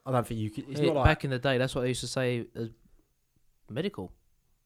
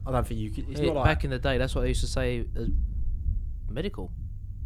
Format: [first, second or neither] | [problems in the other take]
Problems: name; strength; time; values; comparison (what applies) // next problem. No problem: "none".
first | low rumble; faint; throughout; 20 dB below the speech